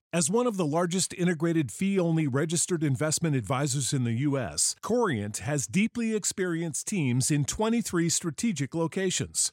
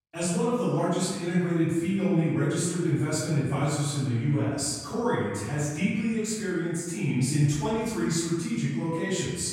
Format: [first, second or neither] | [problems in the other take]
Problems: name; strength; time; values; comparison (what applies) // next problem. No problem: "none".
first | off-mic speech; far // room echo; strong; dies away in 1.3 s